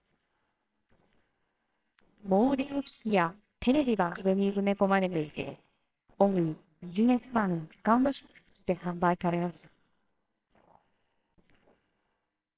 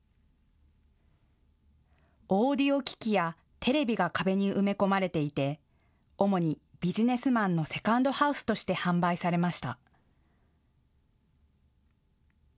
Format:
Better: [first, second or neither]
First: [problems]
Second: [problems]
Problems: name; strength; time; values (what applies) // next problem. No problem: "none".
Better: second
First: noise reduction (neural separator model SepFormer WHAMR!)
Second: none